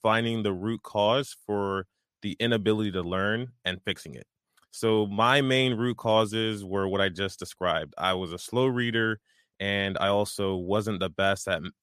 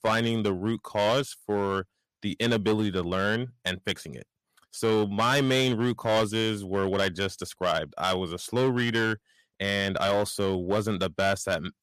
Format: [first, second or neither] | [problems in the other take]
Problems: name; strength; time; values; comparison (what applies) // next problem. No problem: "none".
first | distortion; slight; 7% of the sound clipped